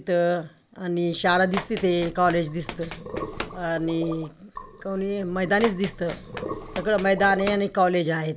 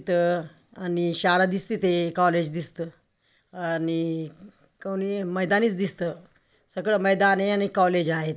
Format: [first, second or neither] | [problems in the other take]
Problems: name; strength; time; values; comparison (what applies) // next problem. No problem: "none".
second | background sound (Sink (filling or washing) + Run); 12 dB below the speech